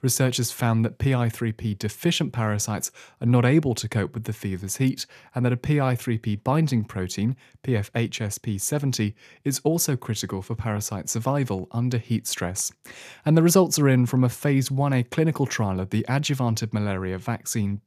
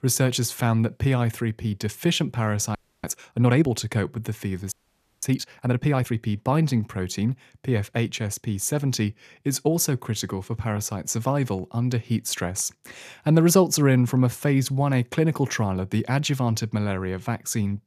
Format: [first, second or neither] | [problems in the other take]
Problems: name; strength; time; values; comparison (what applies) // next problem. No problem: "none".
first | audio freezing; at 3 s and at 4.5 s for 0.5 s